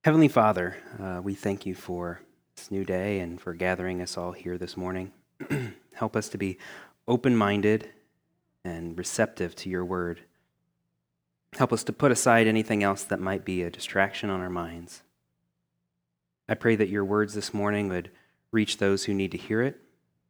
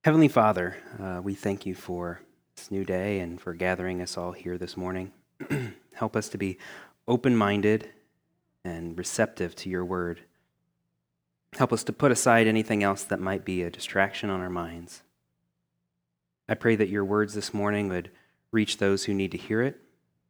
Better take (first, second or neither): neither